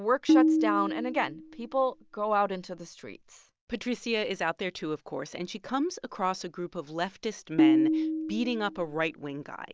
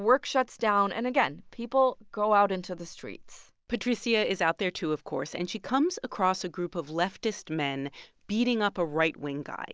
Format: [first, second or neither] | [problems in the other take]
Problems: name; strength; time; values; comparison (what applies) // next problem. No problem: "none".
second | noise reduction (neural mask model DeepFilterNet 3)